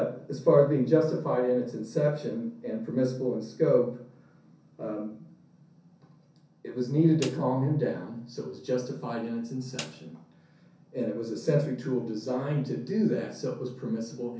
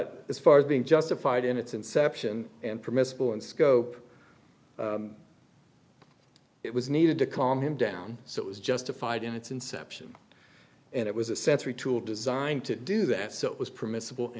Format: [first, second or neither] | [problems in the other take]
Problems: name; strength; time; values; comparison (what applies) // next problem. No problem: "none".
second | background sound (Snare drum); 18 dB below the speech // room echo; dies away in 0.6 s